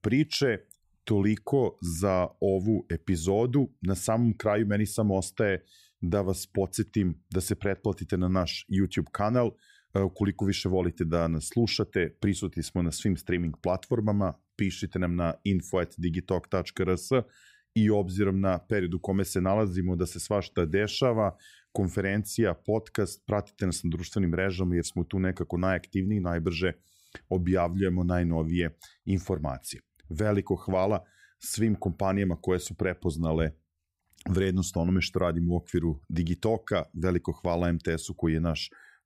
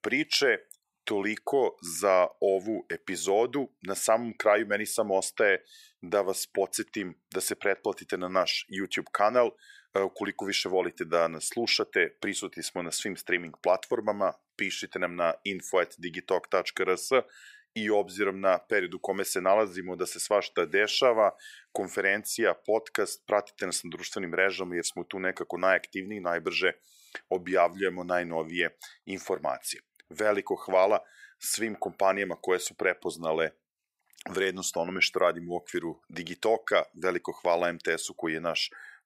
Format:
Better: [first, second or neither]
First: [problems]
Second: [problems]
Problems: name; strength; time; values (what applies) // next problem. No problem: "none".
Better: first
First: none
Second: thin; very; fading below 550 Hz